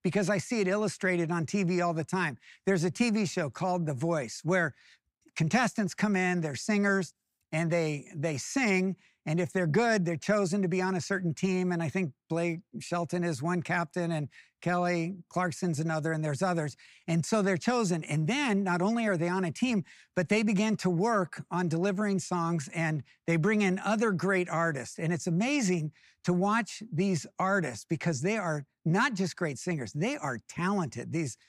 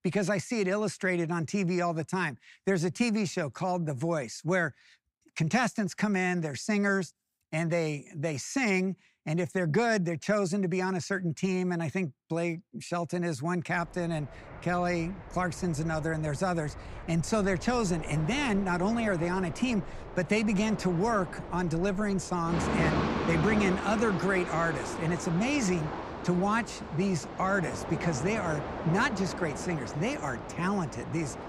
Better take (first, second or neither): first